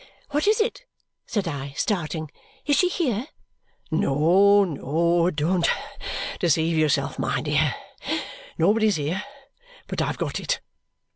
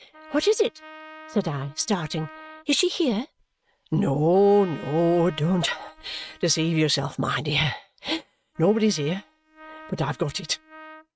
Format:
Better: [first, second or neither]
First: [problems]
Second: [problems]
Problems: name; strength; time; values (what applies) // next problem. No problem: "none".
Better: first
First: none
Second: noise reduction (neural mask model RNNoise)